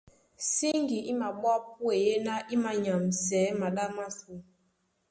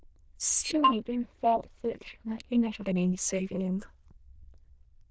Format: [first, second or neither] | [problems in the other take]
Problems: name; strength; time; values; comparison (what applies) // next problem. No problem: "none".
first | noise reduction (neural diffusion model UNIVERSE++)